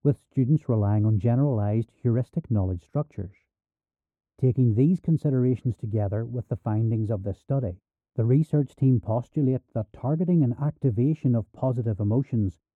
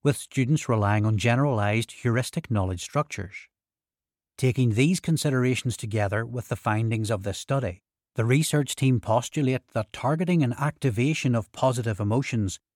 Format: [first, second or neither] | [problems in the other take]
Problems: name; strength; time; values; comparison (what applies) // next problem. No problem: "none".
second | muffled; very; fading above 1 kHz